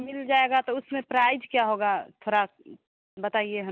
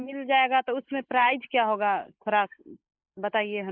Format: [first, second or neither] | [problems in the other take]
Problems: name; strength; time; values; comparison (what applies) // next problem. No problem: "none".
first | noise reduction (neural mask model Resemble Enhance denoiser)